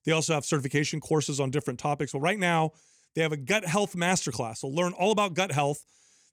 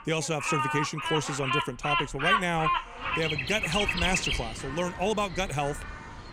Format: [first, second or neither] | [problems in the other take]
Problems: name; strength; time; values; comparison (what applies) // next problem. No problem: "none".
first | animal sounds; very loud; throughout; 1 dB above the speech